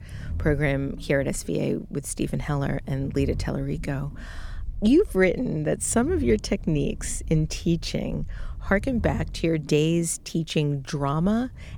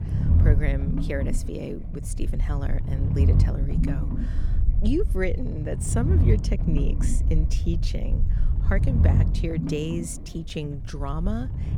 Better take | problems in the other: first | low rumble; loud; throughout; 4 dB below the speech; faint in the first

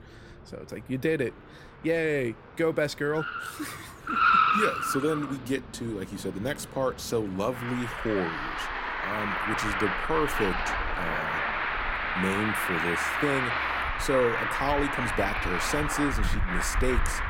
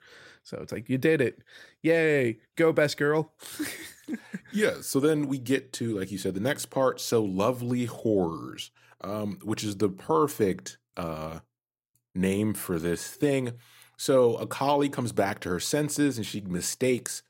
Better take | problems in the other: second | traffic noise; very loud; throughout; 3 dB above the speech

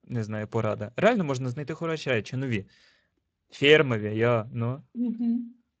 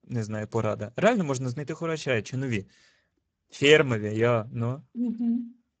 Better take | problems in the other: first | garbled, watery; badly; nothing above 7.5 kHz; slightly in the first

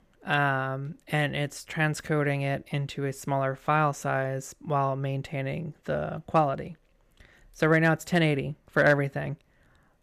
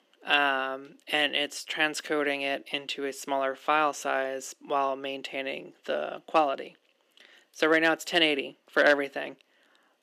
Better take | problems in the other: first | thin; somewhat; fading below 250 Hz

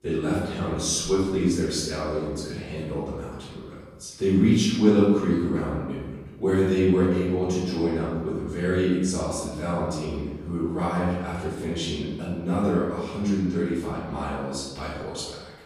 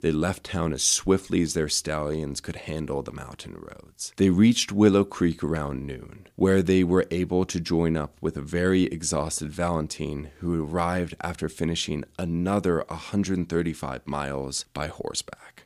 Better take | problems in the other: second | room echo; strong; dies away in 1.2 s // off-mic speech; far

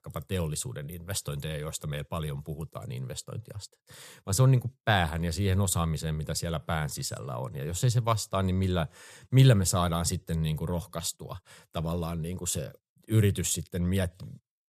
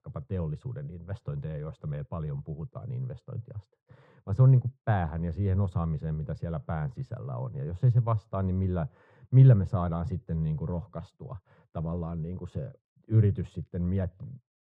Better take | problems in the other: first | muffled; very; fading above 1 kHz

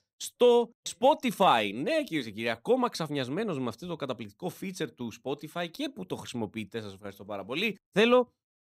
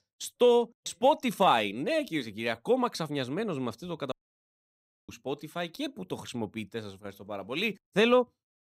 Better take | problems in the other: first | audio cutting out; at 4 s for 1 s

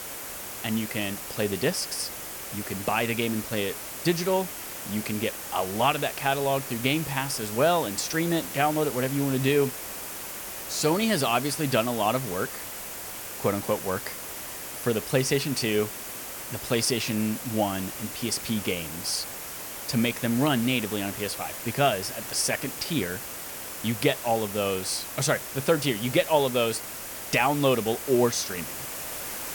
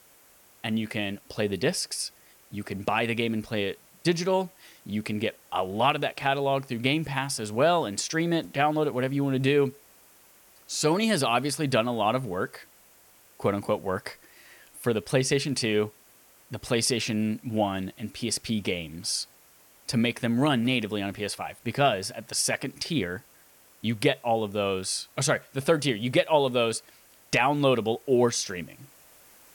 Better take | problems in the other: second | hiss; loud; throughout; 7 dB below the speech; faint in the second

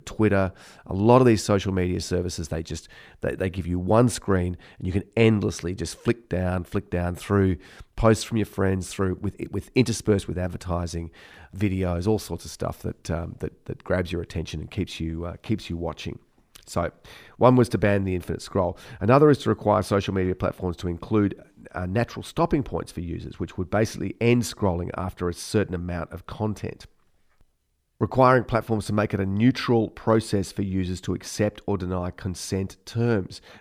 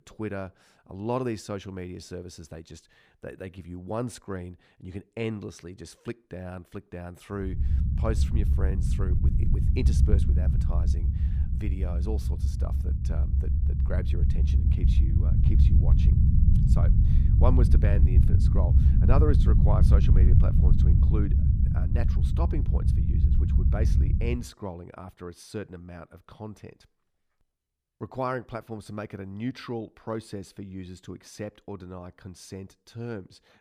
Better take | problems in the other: first | low rumble; loud; from 7.5 to 24 s; 2 dB below the speech

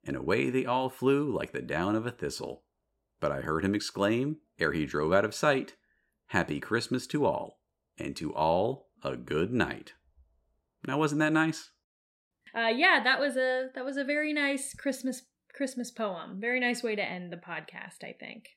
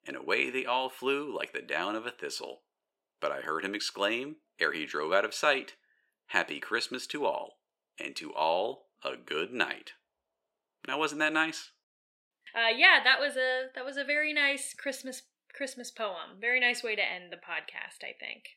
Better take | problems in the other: first | thin; somewhat; fading below 450 Hz

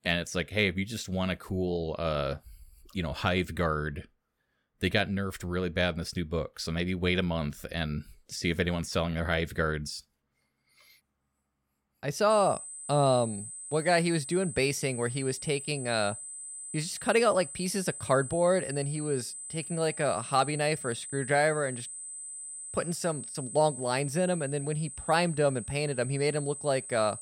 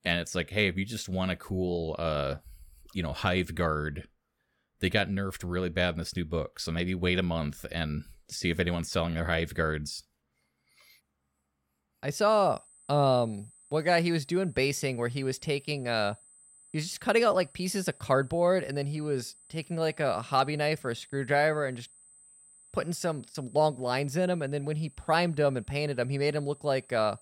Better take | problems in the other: second | high-pitched whine; loud; from 12 s on; 8 kHz, 9 dB below the speech; faint in the second

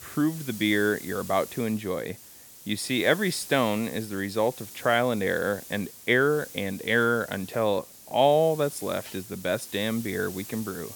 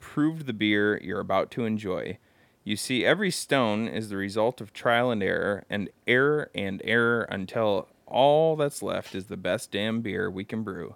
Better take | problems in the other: second | hiss; noticeable; throughout; 15 dB below the speech

